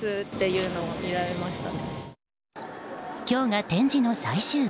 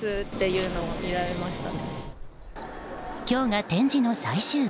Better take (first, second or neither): first